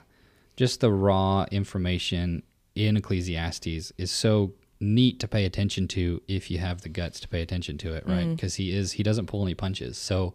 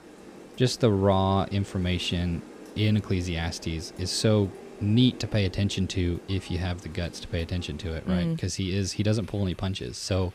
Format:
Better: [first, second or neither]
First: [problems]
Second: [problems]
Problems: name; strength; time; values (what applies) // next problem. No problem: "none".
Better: first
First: none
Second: rain or running water; noticeable; throughout; 20 dB below the speech